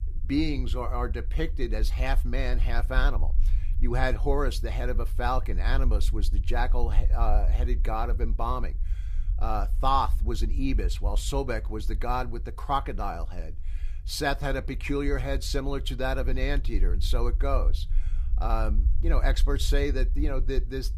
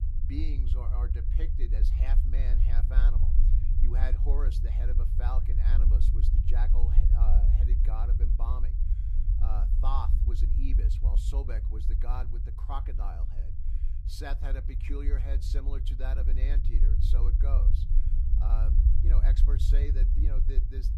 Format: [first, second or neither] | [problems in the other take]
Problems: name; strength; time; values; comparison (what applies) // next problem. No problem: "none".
first | low rumble; loud; throughout; 4 dB below the speech; faint in the first